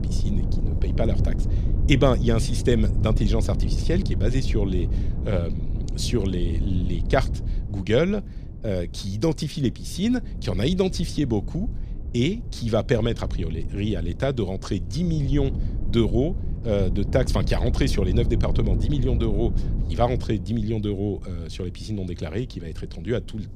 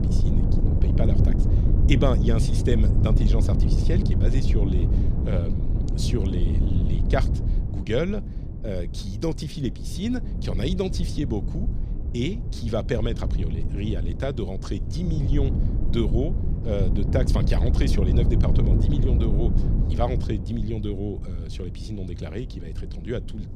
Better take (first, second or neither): first